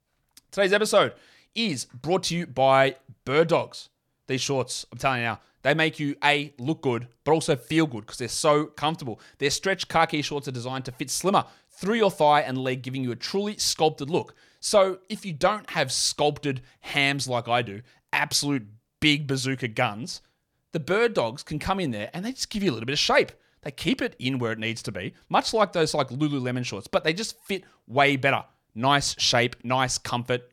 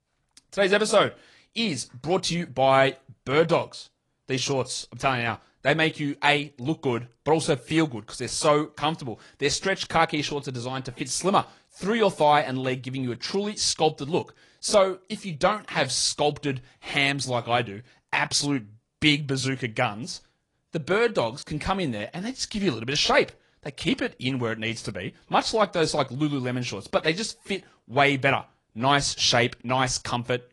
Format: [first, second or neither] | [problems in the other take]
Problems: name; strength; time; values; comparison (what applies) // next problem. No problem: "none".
first | garbled, watery; slightly; nothing above 10 kHz